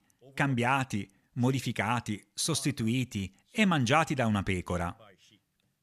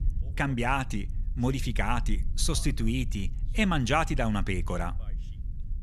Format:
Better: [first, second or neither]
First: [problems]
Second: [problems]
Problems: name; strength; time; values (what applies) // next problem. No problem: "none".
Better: first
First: none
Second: low rumble; faint; throughout; 25 dB below the speech